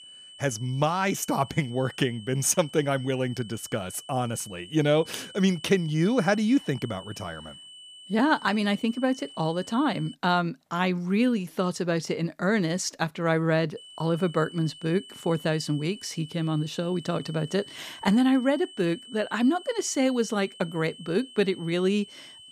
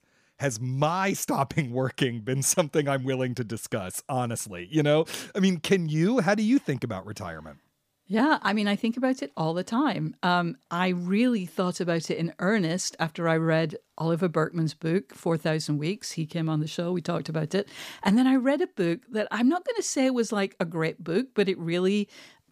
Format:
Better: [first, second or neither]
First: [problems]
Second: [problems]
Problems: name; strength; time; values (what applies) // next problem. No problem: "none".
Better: second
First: high-pitched whine; noticeable; until 10 s and from 14 s on; 3 kHz, 20 dB below the speech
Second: none